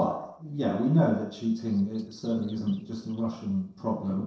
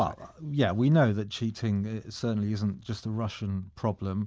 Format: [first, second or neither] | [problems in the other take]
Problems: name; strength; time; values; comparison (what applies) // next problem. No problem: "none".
second | noise reduction (neural separator model SepFormer DNS4)